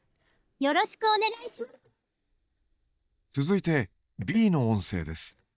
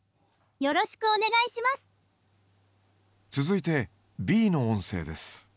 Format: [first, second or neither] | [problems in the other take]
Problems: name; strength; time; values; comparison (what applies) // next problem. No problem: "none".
second | noise reduction (neural mask model DeepFilterNet 3)